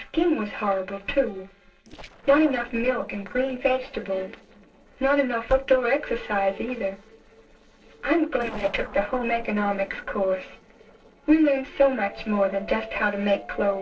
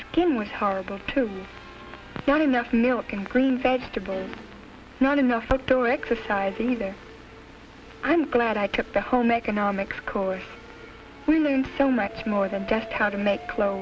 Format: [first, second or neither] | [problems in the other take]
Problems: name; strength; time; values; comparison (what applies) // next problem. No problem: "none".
second | noise reduction (neural separator model SepFormer DNS4)